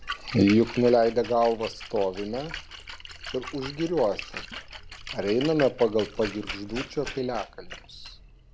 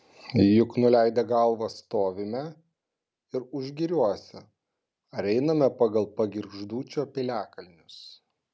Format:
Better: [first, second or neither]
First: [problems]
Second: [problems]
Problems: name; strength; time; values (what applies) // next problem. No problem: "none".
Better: second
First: background sound (Splash, splatter); 12 dB below the speech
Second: none